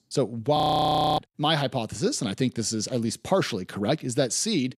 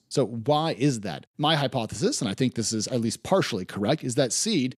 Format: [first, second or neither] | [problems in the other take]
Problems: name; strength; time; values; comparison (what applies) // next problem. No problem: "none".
second | audio freezing; at 0.5 s for 0.5 s